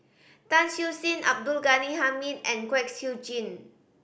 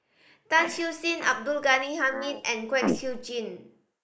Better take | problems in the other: first | noise reduction (neural mask model Resemble Enhance denoiser)

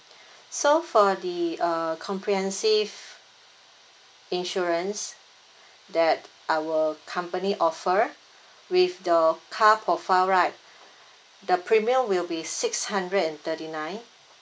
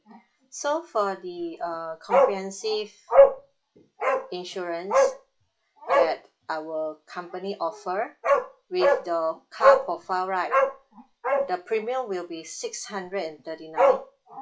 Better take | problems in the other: first | noise reduction (classical method log-MMSE)

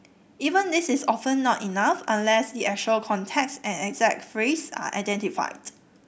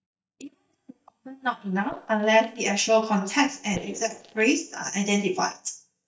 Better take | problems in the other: first | noise reduction (neural mask model DeepFilterNet 3)

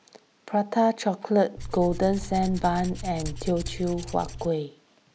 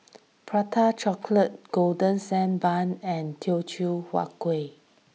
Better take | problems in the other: second | background sound (Tools); 9 dB below the speech

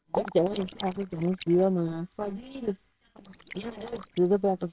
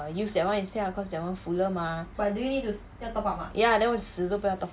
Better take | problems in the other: second | noise reduction (neural separator model SepFormer WHAMR!)

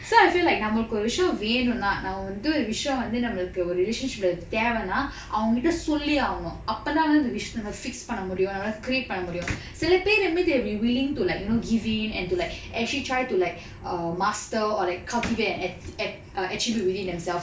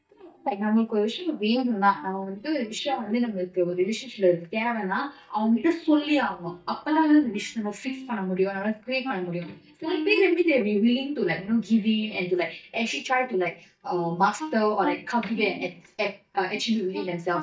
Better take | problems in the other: first | noise reduction (neural mask model DeepFilterNet 3)

